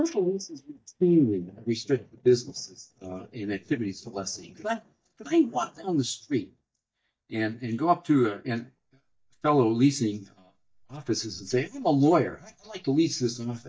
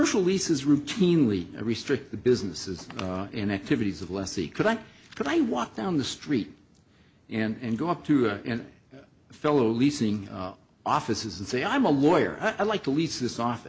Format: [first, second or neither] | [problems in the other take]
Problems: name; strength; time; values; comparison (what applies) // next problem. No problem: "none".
second | noise reduction (neural mask model DeepFilterNet 3)